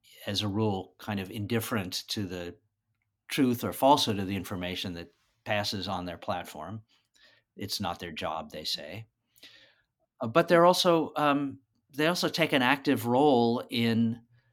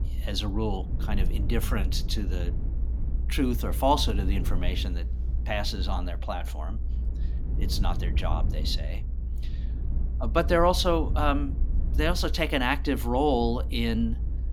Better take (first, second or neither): first